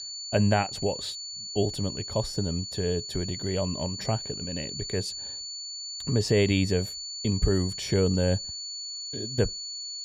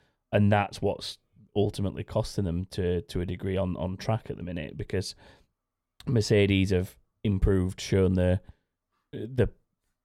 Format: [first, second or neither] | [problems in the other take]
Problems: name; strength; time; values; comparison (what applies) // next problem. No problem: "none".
second | high-pitched whine; loud; throughout; 4.5 kHz, 6 dB below the speech